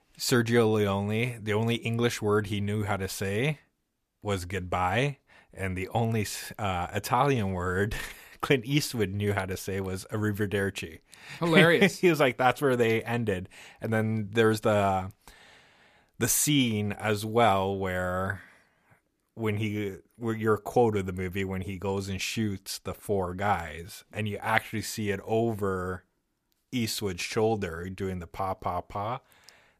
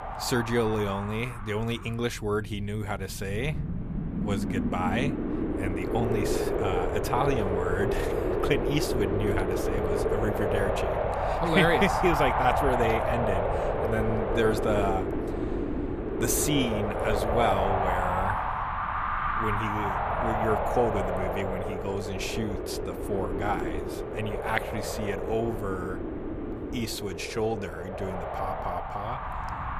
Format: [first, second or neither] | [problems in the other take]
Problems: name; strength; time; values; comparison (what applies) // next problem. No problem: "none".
first | wind noise on the microphone; heavy; 1 dB above the speech